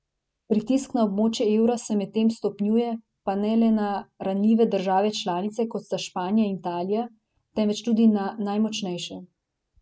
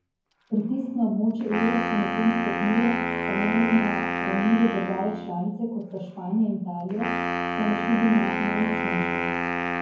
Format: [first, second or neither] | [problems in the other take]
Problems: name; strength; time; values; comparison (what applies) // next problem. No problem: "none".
first | background sound (Wind instrument, woodwind instrument); 3 dB below the speech // room echo; dies away in 0.9 s